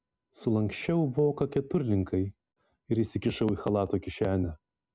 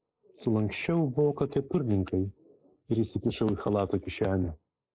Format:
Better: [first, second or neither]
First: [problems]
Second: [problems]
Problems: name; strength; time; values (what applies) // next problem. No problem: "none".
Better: first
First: none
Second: noise reduction (neural mask model Resemble Enhance denoiser)